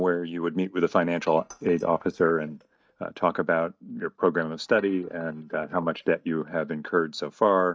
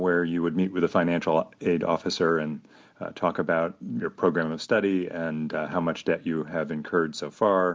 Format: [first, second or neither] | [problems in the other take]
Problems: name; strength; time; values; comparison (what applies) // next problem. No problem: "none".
second | noise reduction (neural mask model DeepFilterNet 3)